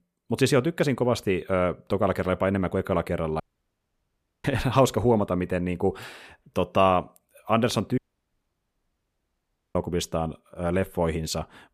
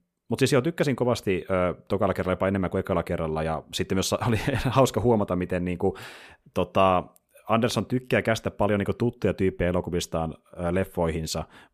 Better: second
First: audio cutting out; at 3.5 s for 1 s and at 8 s for 2 s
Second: none

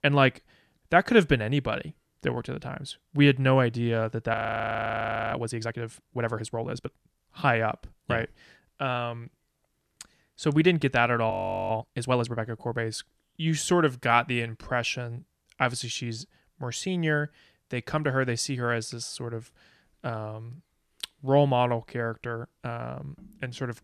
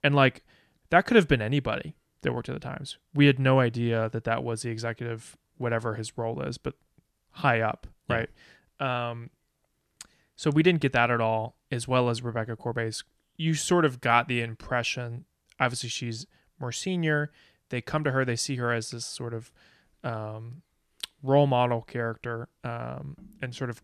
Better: second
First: audio freezing; at 4.5 s for 1 s and at 11 s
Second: none

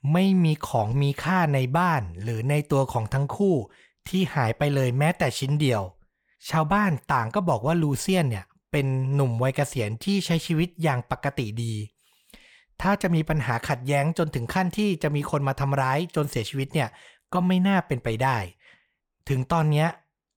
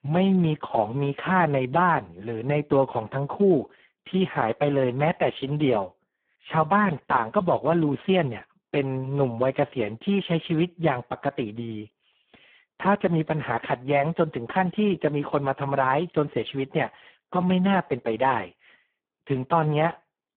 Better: first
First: none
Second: phone-call audio; poor line

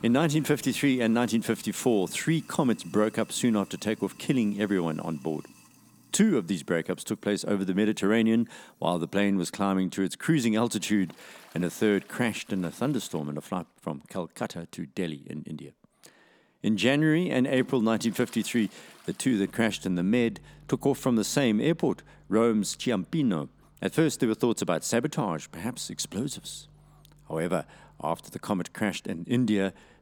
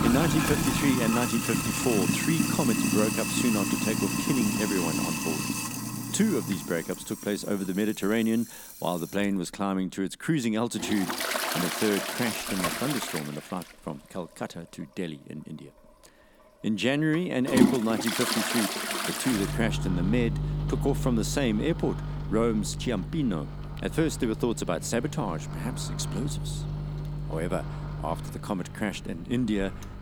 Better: first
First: household noises; faint; throughout; 25 dB below the speech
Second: household noises; loud; throughout; 1 dB below the speech

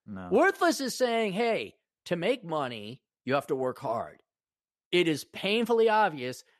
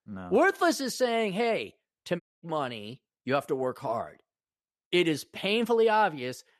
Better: first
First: none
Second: audio cutting out; at 2 s

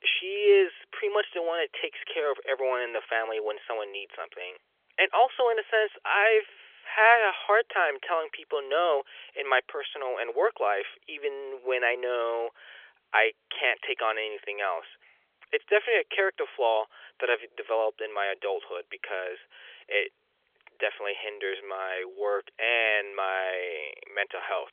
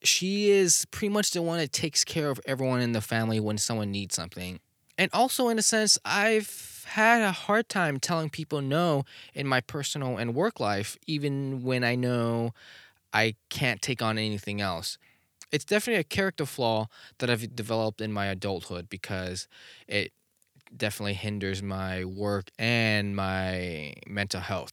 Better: second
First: phone-call audio; nothing above 3.5 kHz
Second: none

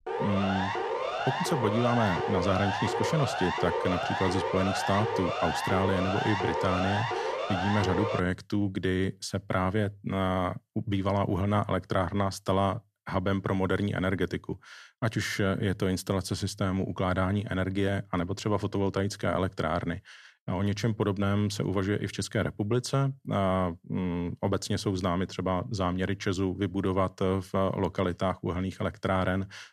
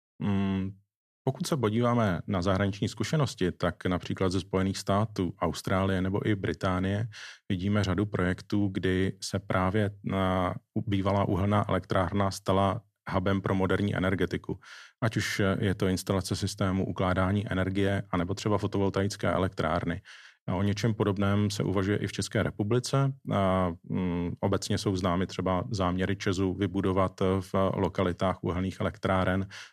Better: second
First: siren; noticeable; until 8 s; peak level with the speech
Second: none

